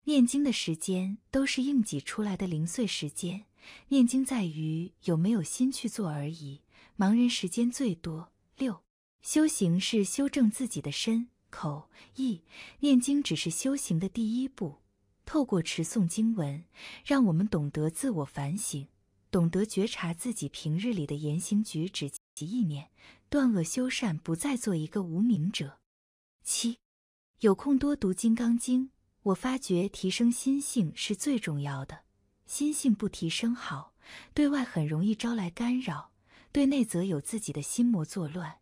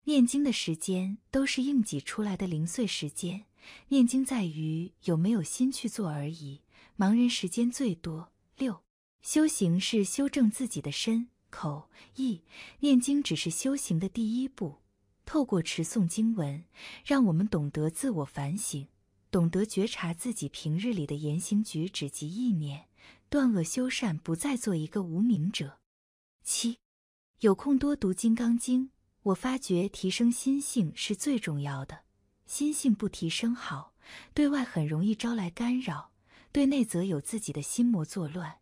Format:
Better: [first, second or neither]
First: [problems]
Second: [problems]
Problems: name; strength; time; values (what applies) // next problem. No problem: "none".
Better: second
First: audio freezing; at 22 s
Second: none